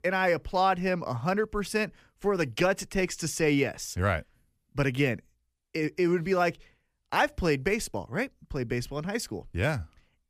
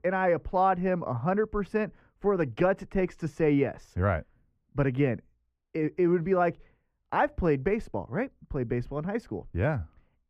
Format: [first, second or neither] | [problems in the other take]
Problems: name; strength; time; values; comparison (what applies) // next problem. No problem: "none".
first | muffled; very; fading above 3 kHz